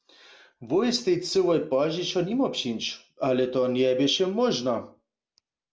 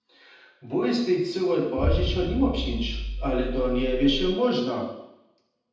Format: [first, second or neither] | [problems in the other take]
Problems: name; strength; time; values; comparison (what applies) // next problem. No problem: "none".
first | background sound (Explosion); 3 dB below the speech // room echo; dies away in 0.9 s